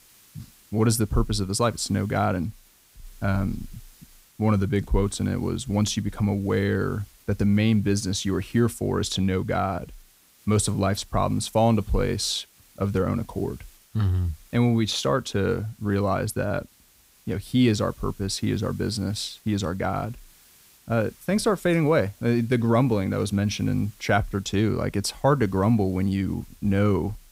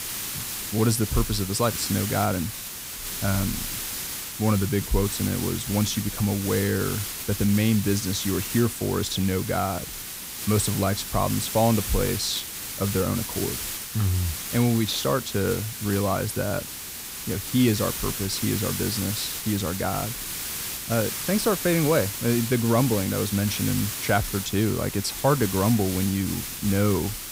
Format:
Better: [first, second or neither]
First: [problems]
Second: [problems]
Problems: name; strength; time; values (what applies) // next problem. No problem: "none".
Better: first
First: hiss; faint; throughout; 30 dB below the speech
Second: hiss; loud; throughout; 5 dB below the speech